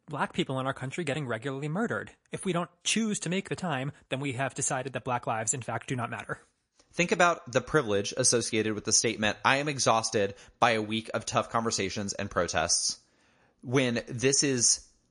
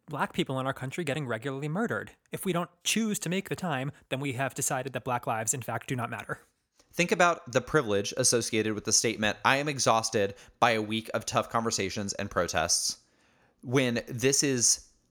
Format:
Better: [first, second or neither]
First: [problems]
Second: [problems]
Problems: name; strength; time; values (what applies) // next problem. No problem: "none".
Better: second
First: garbled, watery; slightly; nothing above 10 kHz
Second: none